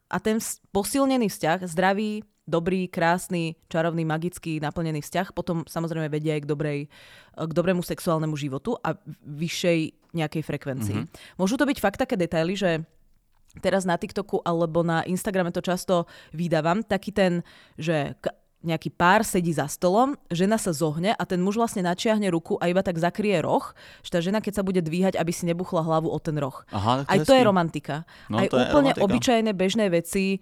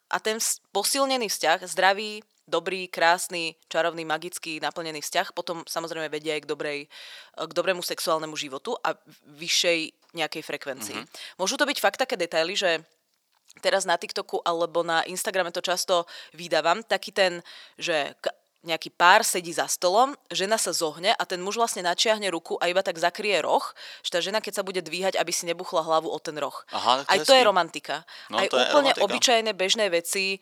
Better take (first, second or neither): first